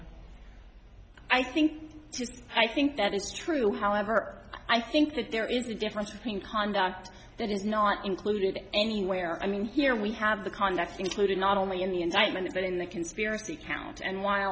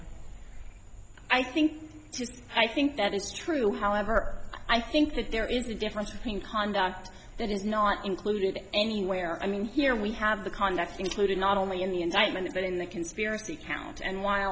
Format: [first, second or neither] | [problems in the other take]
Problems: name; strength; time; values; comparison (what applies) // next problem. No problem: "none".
first | background sound (Frog); 12 dB below the speech